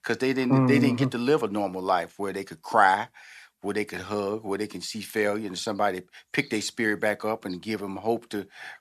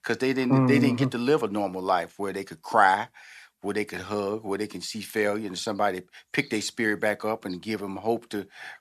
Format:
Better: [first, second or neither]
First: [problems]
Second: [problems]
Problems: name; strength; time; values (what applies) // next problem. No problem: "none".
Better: neither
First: none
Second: none